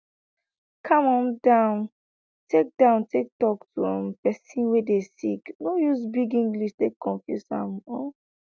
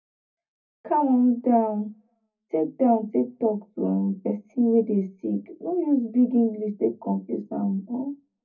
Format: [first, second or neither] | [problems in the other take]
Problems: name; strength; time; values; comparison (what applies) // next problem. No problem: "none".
first | room echo; dies away in 0.3 s